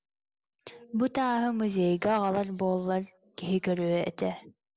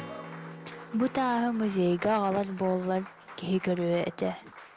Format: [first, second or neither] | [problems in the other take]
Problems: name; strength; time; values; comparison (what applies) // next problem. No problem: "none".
first | background sound (Strum + Applause); 16 dB below the speech